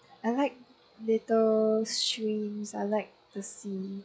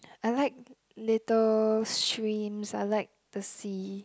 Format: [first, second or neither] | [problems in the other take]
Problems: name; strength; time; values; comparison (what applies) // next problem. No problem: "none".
second | noise reduction (classical method log-MMSE)